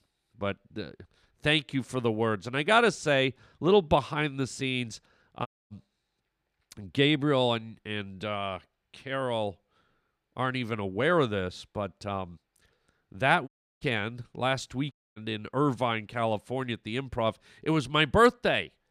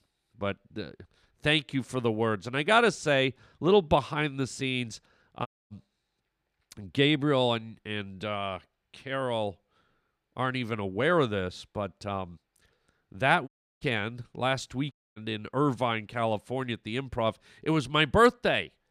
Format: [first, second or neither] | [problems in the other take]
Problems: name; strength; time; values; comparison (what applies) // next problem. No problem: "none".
neither | audio cutting out; at 5.5 s, at 13 s and at 15 s; the same in both